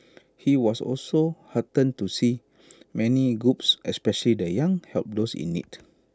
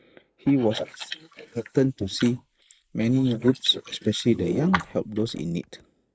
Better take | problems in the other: first | noise reduction (neural mask model Resemble Enhance denoiser)

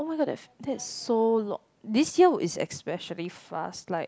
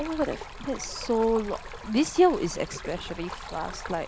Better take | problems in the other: first | background sound (Stream); 12 dB below the speech

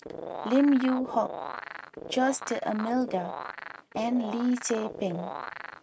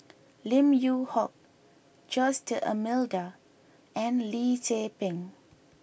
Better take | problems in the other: second | noise reduction (neural mask model RNNoise)

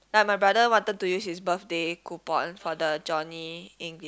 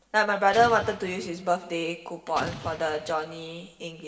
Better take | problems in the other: first | background sound (Explosion); 15 dB below the speech // room echo; dies away in 1.6 s

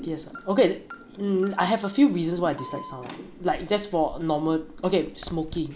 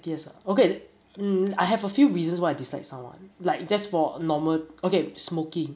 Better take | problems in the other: second | background sound (Thunder / Rain + Alarm); 16 dB below the speech

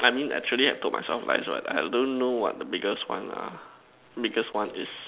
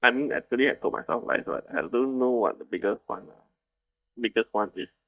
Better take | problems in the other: first | noise reduction (neural mask model DeepFilterNet 3)

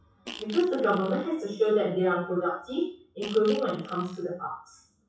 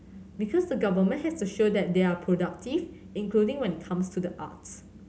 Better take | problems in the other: second | noise reduction (classical method WPE with log-MMSE)

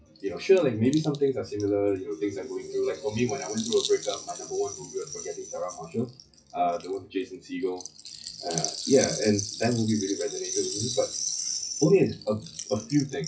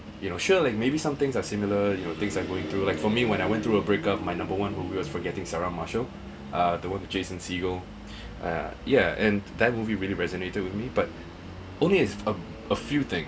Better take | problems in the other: second | noise reduction (classical method WPE with log-MMSE)

